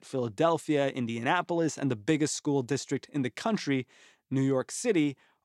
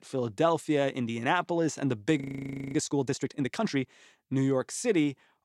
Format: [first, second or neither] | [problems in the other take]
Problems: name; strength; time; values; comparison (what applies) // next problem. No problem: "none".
first | audio freezing; at 2 s for 0.5 s